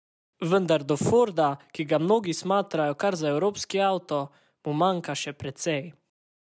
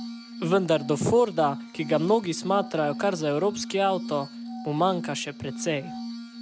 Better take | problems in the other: first | background sound (Glass); 11 dB below the speech

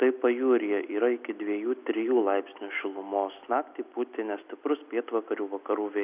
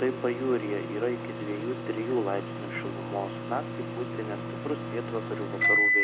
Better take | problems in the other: first | background sound (Microwave oven); 1 dB above the speech

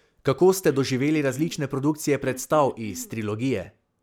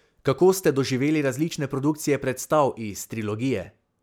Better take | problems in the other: second | background sound (Cough); 18 dB below the speech

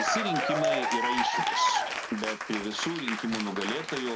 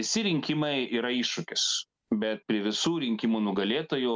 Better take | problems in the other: second | background sound (Applause / Cheering); 3 dB above the speech

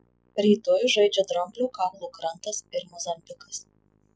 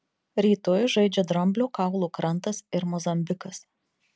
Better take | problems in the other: second | noise reduction (classical method Wiener filter)

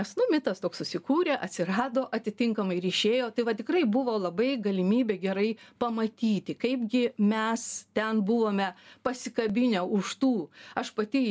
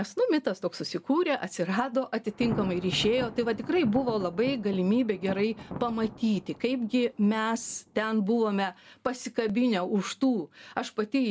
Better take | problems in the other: first | background sound (Thunder); 16 dB below the speech

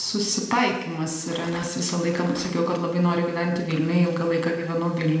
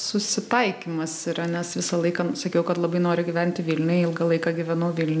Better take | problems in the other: second | background sound (Rattle); 19 dB below the speech // room echo; dies away in 1 s

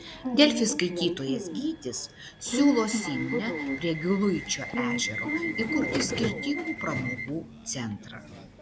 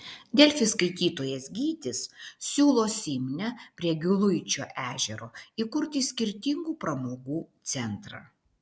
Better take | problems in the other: second | background sound (Subway, metro, underground / Alarm); 4 dB below the speech

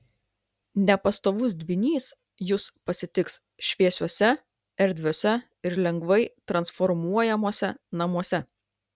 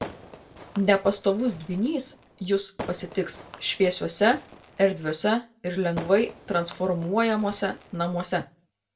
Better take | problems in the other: first | background sound (Fireworks); 17 dB below the speech // room echo; dies away in 0.2 s

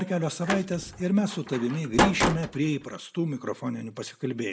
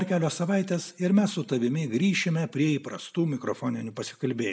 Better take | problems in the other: second | background sound (Slam); 1 dB below the speech

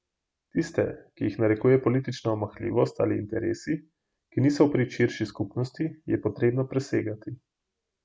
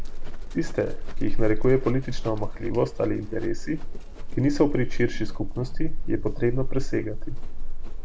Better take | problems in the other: first | background sound (Livestock, farm animals, working animals); 3 dB above the speech

